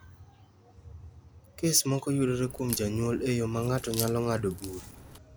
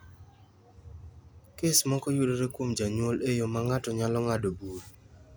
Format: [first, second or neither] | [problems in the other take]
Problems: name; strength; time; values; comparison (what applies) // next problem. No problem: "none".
second | background sound (Crack); 12 dB below the speech